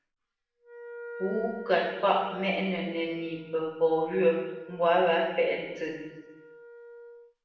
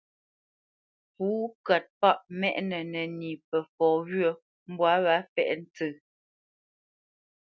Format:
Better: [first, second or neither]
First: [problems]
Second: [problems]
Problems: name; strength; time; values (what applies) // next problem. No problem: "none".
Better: second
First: background sound (Wind instrument, woodwind instrument); 17 dB below the speech // room echo; dies away in 1.1 s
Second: none